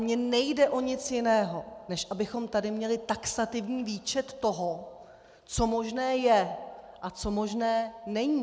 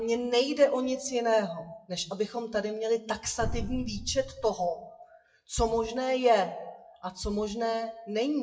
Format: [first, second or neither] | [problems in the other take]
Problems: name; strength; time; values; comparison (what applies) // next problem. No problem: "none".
first | noise reduction (classical method WPE with log-MMSE)